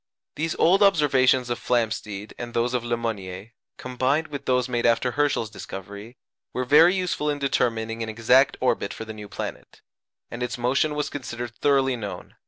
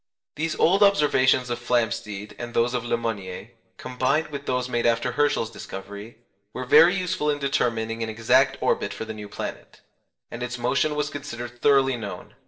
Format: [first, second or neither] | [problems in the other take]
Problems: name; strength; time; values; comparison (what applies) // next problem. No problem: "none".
first | noise reduction (neural separator model SepFormer DNS4)